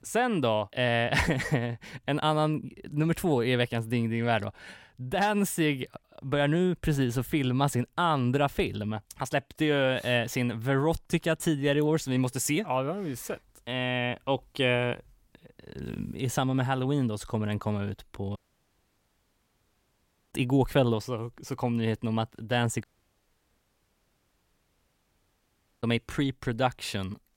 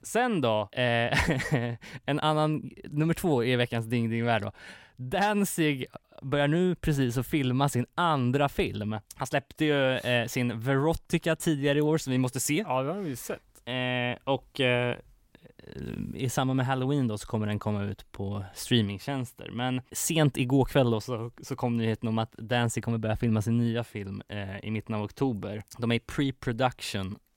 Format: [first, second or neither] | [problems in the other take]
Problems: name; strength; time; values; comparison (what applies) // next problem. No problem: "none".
second | audio cutting out; at 18 s for 2 s and at 23 s for 3 s